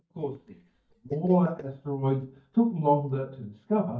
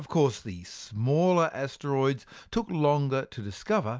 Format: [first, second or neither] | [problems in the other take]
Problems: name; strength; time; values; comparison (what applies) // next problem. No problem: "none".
second | noise reduction (neural mask model DeepFilterNet 3)